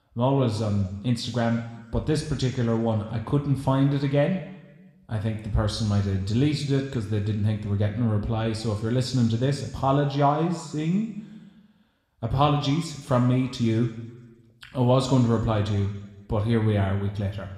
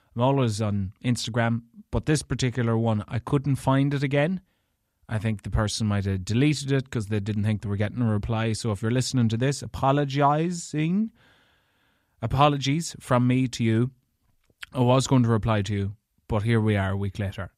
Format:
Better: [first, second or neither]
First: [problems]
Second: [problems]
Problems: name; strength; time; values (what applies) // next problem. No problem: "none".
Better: second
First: room echo; slight; dies away in 1.1 s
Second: none